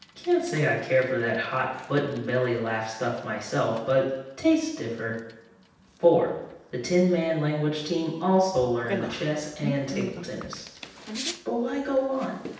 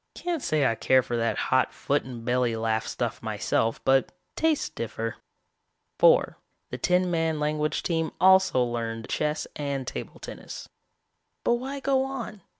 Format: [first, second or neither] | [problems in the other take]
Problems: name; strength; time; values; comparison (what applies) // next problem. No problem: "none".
second | background sound (Bicycle); 15 dB below the speech // room echo; dies away in 0.9 s